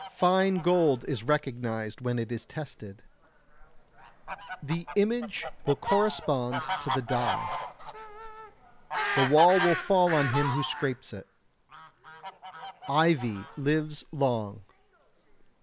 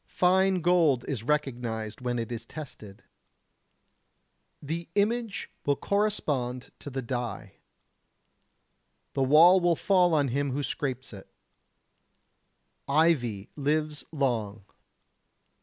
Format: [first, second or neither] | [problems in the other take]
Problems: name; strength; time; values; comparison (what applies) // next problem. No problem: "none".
second | background sound (Fowl); 8 dB below the speech